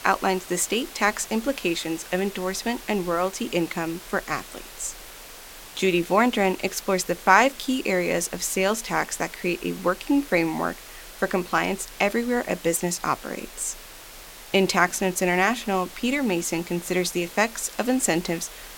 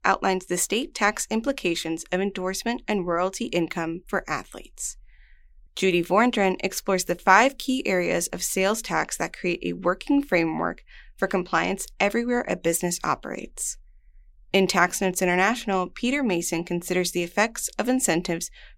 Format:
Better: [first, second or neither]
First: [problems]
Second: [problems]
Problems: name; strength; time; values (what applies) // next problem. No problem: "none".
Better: second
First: hiss; noticeable; throughout; 15 dB below the speech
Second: none